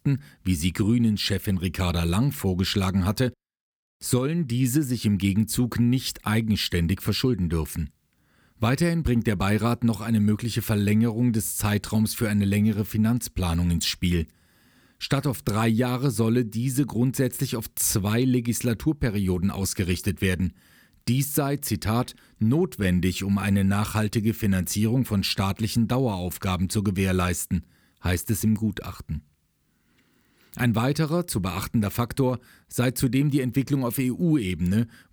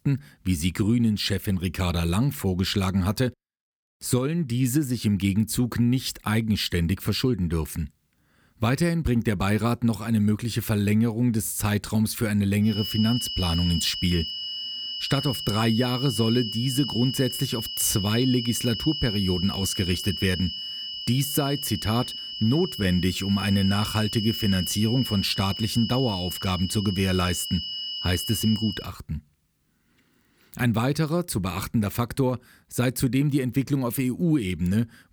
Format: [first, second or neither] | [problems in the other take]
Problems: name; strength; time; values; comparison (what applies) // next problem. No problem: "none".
first | high-pitched whine; loud; from 13 to 29 s; 3 kHz, 6 dB below the speech